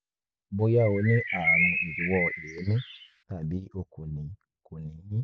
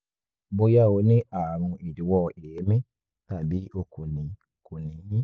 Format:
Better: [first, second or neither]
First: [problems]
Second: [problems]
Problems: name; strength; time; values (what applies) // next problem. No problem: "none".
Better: second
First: background sound (Bird); as loud as the speech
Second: none